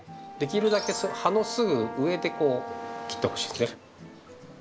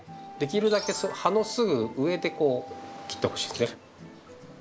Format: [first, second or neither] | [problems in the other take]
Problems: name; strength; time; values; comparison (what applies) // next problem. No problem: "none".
second | background sound (Brass instrument); 11 dB below the speech